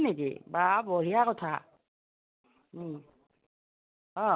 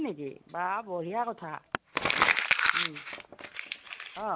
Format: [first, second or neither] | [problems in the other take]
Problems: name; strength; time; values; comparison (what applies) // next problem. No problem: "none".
first | background sound (Crumpling, crinkling); 4 dB above the speech